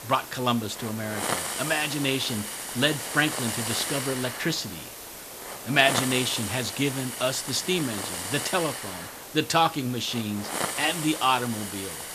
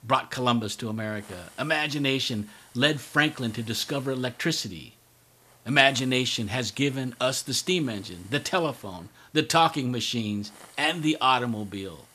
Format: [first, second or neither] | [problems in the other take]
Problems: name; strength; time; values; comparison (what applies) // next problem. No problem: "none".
second | hiss; loud; throughout; 5 dB below the speech; faint in the second